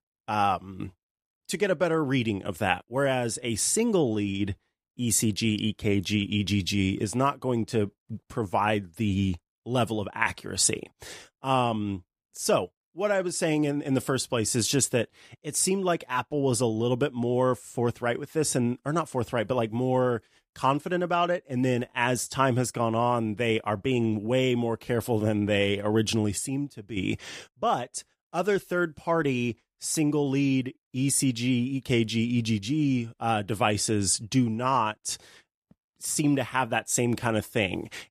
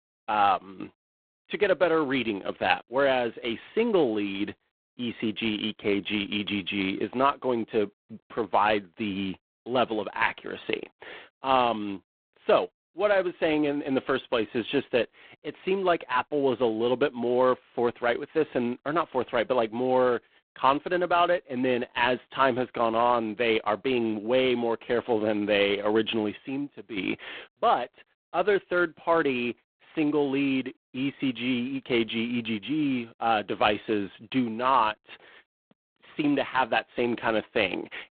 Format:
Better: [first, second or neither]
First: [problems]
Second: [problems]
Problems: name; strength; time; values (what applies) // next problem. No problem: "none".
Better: first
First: none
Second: phone-call audio; poor line